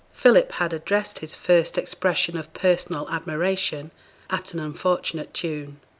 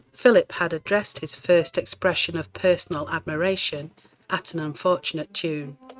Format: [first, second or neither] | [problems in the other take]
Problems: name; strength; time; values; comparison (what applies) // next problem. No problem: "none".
first | noise reduction (neural mask model RNNoise)